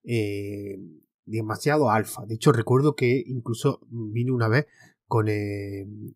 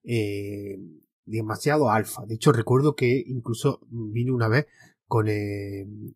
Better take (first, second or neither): first